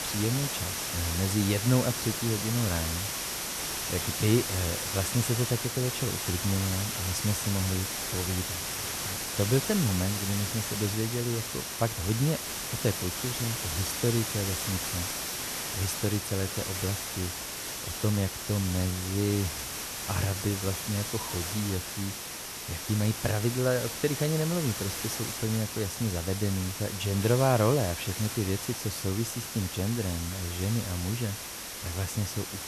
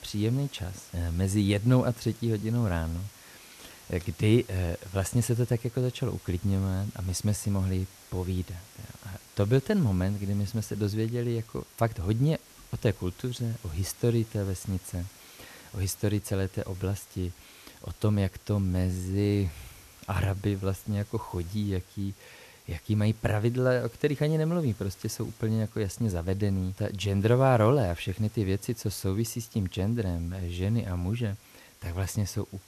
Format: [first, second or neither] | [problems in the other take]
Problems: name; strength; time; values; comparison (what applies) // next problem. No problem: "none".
second | hiss; loud; throughout; 2 dB below the speech; faint in the second